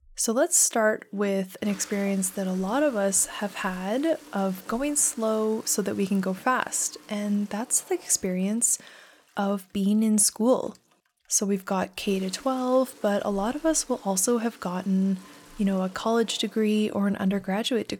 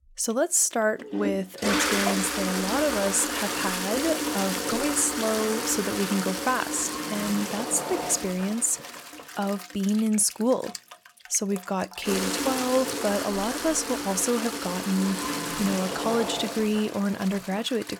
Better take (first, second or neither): first